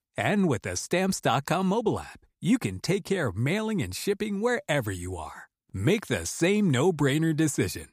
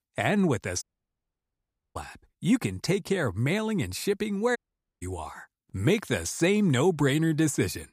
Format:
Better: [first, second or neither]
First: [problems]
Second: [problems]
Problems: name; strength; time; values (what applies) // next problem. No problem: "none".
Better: first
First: none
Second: audio cutting out; at 1 s for 1 s and at 4.5 s